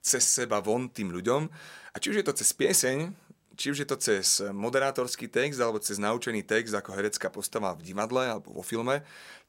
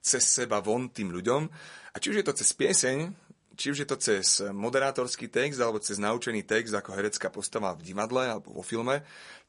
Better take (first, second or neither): first